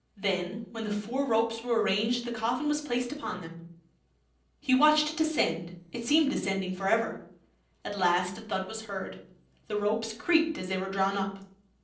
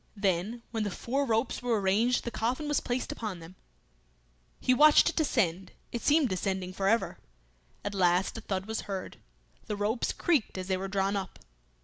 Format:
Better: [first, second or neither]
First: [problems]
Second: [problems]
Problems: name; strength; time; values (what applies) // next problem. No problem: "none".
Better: second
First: noise reduction (neural separator model SepFormer DNS4)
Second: none